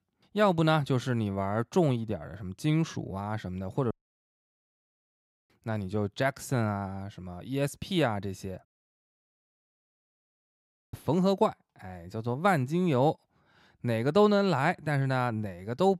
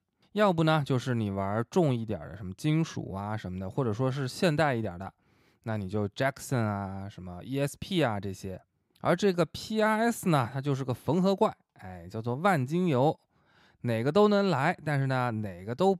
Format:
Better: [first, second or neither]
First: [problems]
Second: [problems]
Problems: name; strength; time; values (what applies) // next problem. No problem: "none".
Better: second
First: audio cutting out; at 4 s for 1.5 s and at 8.5 s for 2.5 s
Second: none